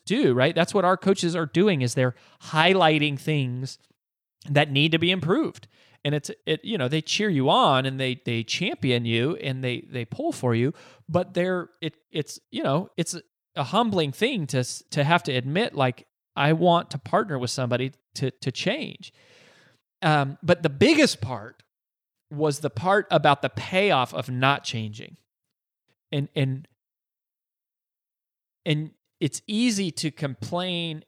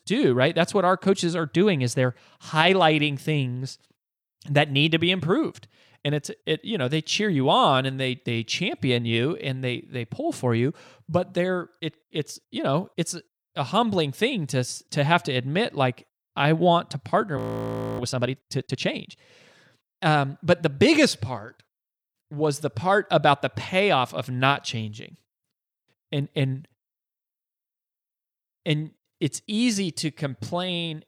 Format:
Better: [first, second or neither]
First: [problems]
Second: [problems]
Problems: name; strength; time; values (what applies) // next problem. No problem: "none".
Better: first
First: none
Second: audio freezing; at 17 s for 0.5 s